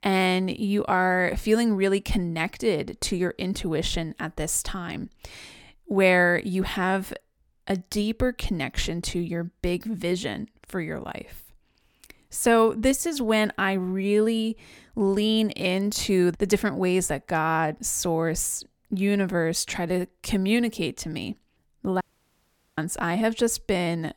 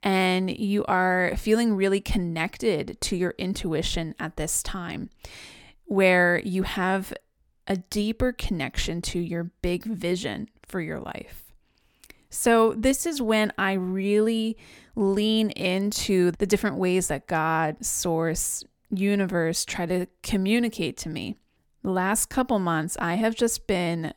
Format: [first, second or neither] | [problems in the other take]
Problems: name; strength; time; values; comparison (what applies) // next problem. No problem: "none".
second | audio cutting out; at 22 s for 1 s